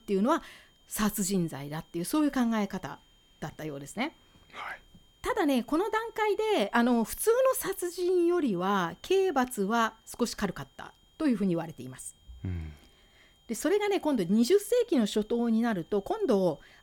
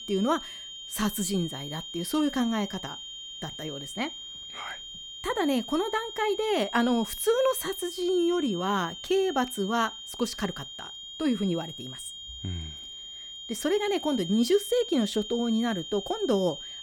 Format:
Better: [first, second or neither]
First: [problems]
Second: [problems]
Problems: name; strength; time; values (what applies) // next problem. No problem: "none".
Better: first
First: high-pitched whine; faint; throughout; 3 kHz, 35 dB below the speech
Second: high-pitched whine; loud; throughout; 3 kHz, 9 dB below the speech